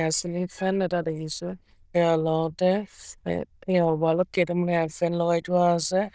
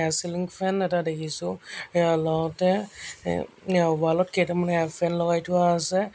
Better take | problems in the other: second | noise reduction (neural diffusion model UNIVERSE++)

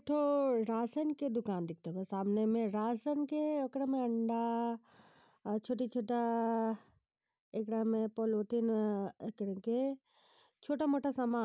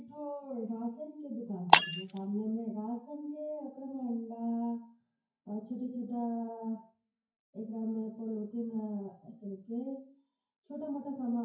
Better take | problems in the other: first | noise reduction (classical method WPE with log-MMSE)

